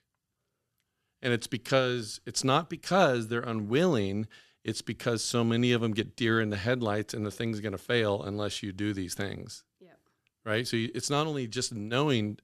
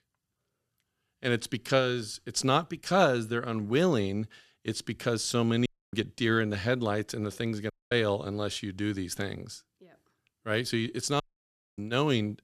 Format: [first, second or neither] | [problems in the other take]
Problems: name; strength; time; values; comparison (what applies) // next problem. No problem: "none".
first | audio cutting out; at 5.5 s, at 7.5 s and at 11 s for 0.5 s